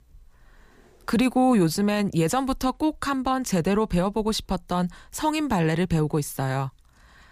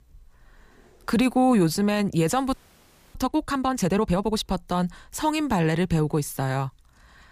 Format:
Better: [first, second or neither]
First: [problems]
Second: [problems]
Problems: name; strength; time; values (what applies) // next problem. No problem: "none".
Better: first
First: none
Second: audio freezing; at 2.5 s for 0.5 s